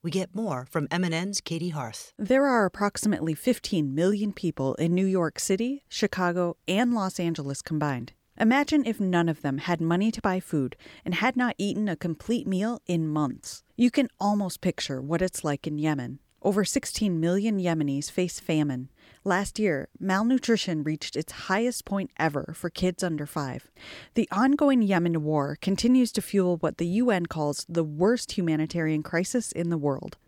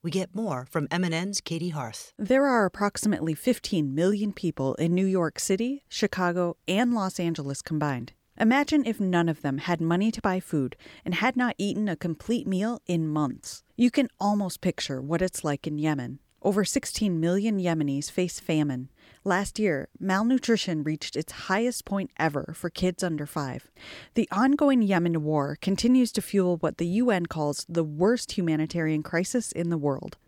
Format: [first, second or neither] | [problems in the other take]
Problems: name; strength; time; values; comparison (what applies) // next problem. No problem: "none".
neither | none